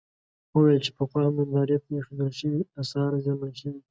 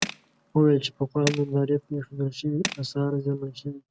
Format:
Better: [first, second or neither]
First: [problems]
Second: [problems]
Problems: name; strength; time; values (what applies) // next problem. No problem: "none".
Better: first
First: none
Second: background sound (Tools); 12 dB below the speech